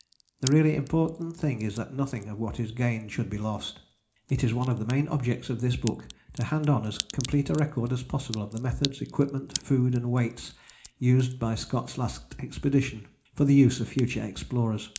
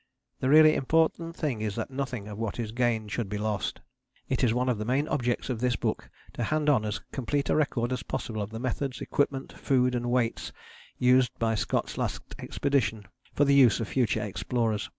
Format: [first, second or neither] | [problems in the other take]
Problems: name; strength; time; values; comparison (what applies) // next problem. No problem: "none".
second | background sound (Crack); 18 dB below the speech // room echo; dies away in 0.4 s